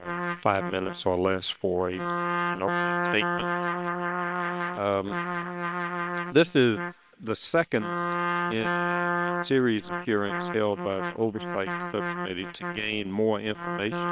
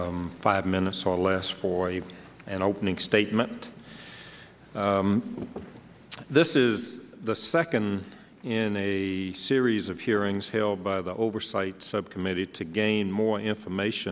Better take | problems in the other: second | noise reduction (neural separator model SepFormer WHAM!)

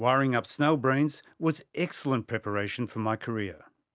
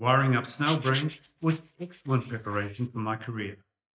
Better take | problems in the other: first | noise reduction (neural mask model DeepFilterNet 3)

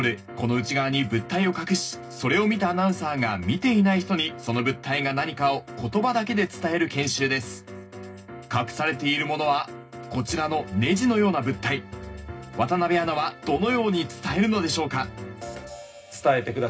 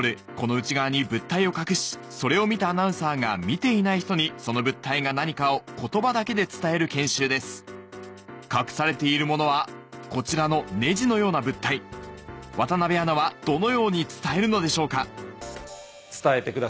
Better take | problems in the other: second | room echo; dies away in 0.4 s

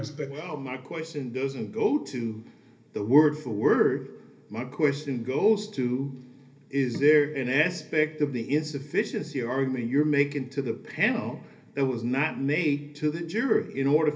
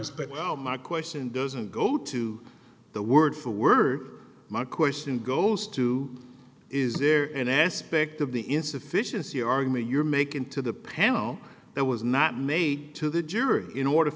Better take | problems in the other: second | room echo; dies away in 0.3 s

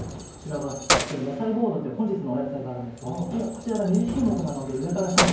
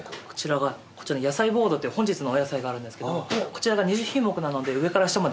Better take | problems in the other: second | background sound (Keys jangling); 3 dB below the speech // room echo; dies away in 0.9 s

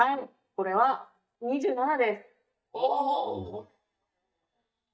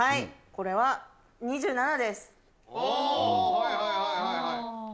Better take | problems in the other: second | noise reduction (neural mask model DeepFilterNet 3)

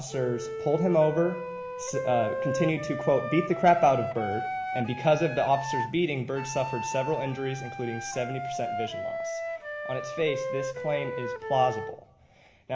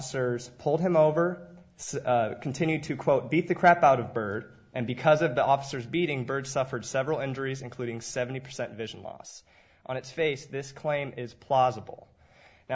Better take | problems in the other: second | background sound (Wind instrument, woodwind instrument); 6 dB below the speech // room echo; dies away in 0.6 s

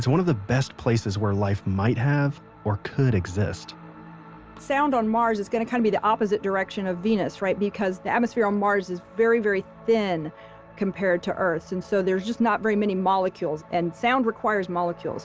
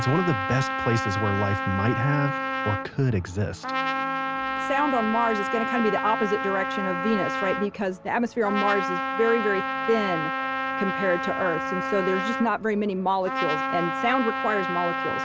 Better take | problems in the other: first | background sound (Trumpet); 2 dB below the speech

